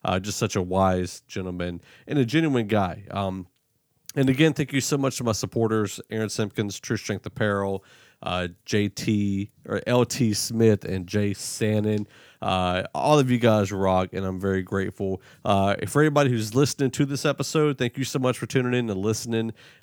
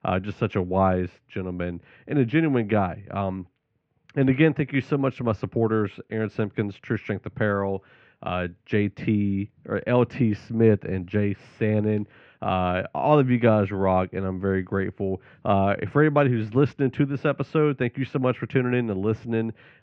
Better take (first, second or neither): first